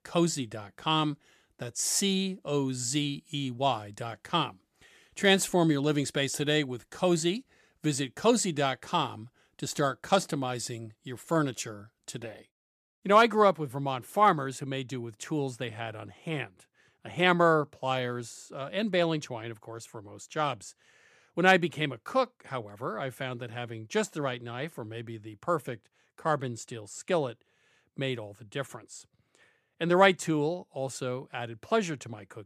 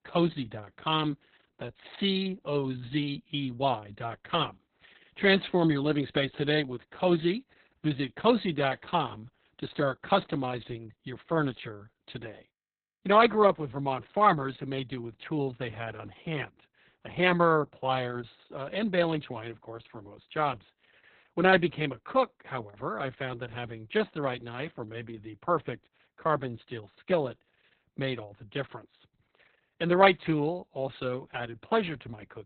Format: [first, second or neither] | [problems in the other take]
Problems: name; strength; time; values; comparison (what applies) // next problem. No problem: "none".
first | garbled, watery; badly; nothing above 4 kHz